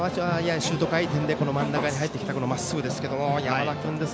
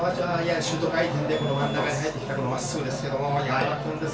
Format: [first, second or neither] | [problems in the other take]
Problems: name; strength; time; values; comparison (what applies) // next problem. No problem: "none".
first | background sound (Burping, eructation); 14 dB below the speech // room echo; dies away in 0.2 s